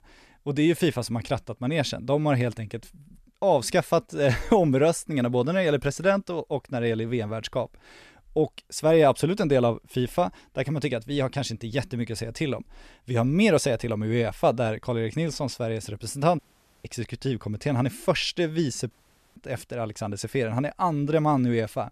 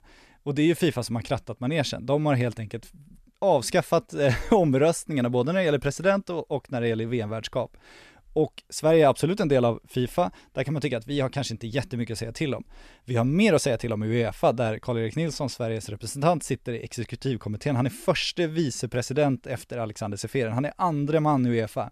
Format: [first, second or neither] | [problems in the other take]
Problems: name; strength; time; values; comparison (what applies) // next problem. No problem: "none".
second | audio cutting out; at 16 s and at 19 s